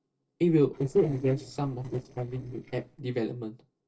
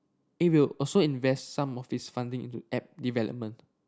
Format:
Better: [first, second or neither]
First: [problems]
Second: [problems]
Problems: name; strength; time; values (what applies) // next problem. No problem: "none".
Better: second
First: noise reduction (neural separator model SepFormer DNS4)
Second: none